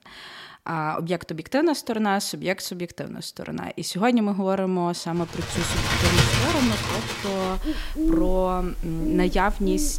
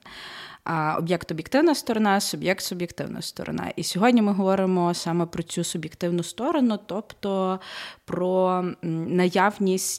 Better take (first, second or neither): second